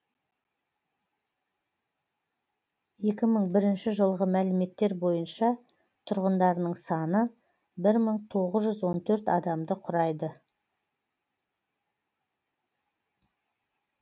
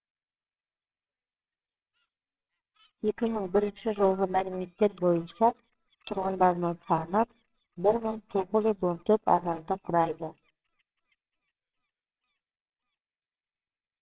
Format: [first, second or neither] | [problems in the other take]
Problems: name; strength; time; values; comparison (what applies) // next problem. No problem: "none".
first | noise reduction (neural separator model SepFormer WHAMR!)